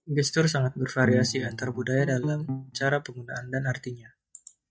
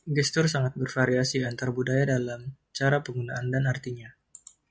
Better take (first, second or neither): second